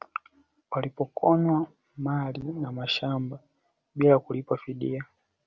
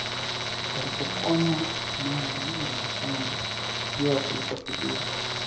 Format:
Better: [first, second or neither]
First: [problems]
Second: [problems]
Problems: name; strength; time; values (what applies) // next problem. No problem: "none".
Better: first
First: none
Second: background sound (Tools); 1 dB above the speech // room echo; dies away in 0.6 s